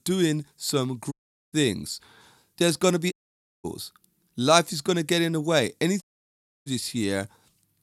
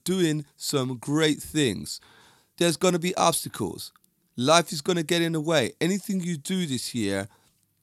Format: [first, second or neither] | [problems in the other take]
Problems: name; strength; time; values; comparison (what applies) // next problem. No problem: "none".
second | audio cutting out; at 1 s, at 3 s for 0.5 s and at 6 s for 0.5 s